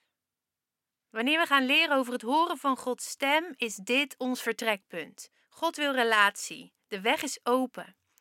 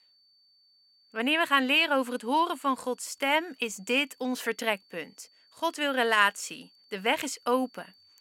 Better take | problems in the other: first | high-pitched whine; faint; throughout; 4.5 kHz, 30 dB below the speech

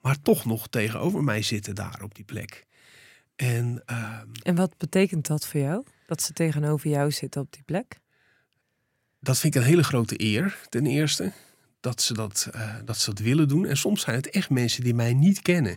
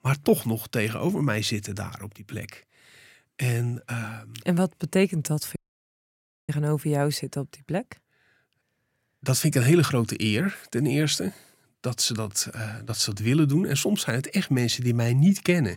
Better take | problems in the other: first | audio cutting out; at 5.5 s for 1 s

